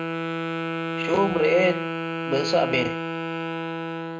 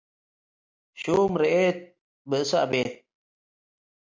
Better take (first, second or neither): second